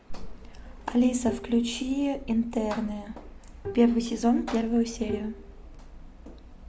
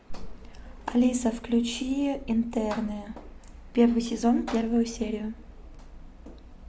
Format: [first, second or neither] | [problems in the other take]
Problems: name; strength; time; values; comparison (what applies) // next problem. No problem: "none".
second | background sound (Bowed string instrument); 14 dB below the speech